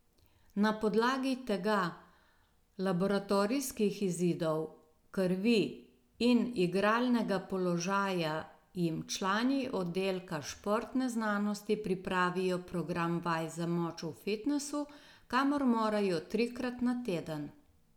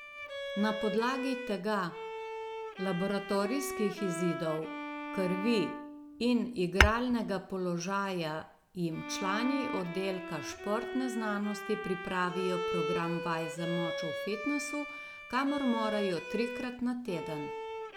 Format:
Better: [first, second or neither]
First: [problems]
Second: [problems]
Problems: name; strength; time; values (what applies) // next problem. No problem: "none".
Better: first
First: none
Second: background sound (Bowed string instrument + Tap / Hammer / Glass); 4 dB below the speech